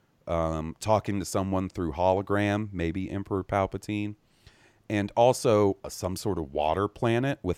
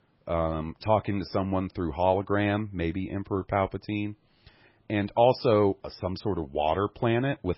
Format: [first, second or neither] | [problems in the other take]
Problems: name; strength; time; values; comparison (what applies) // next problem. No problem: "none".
first | garbled, watery; badly; nothing above 5.5 kHz